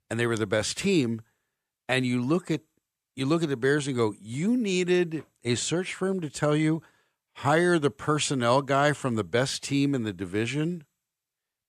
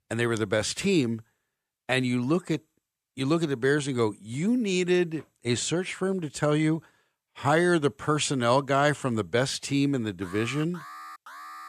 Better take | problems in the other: first | alarm; faint; from 10 s on; peak 15 dB below the speech

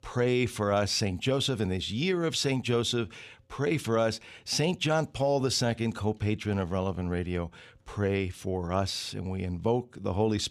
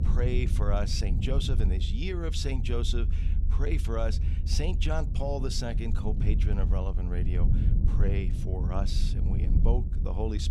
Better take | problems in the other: first | low rumble; loud; throughout; 8 dB below the speech

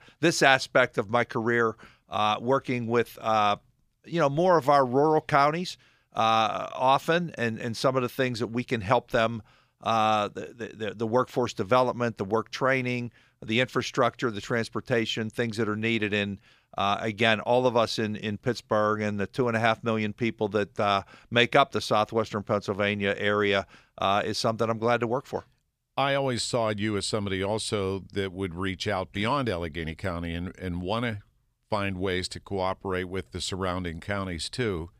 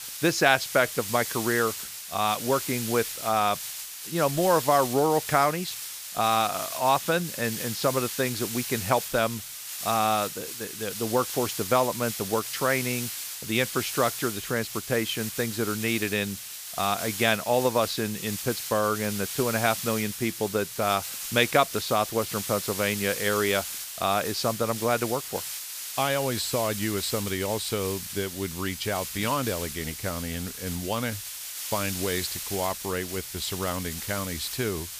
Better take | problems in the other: first | hiss; loud; throughout; 6 dB below the speech

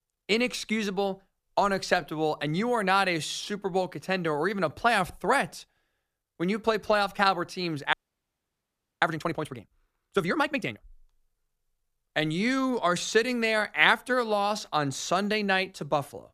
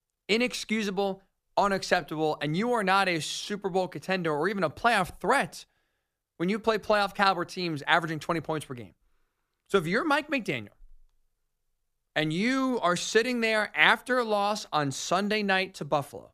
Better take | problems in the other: second | audio freezing; at 8 s for 1 s

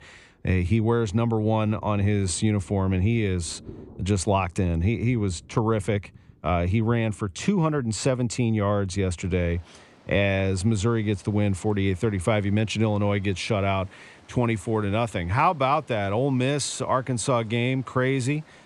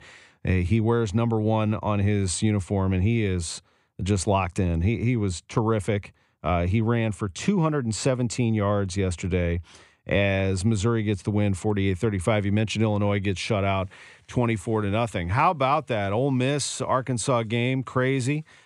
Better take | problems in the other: second | rain or running water; faint; throughout; 25 dB below the speech

